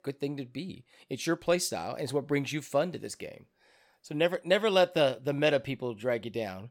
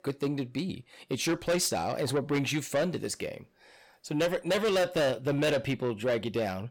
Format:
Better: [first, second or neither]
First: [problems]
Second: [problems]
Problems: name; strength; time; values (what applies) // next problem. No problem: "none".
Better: first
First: none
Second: distortion; heavy; 6 dB below the speech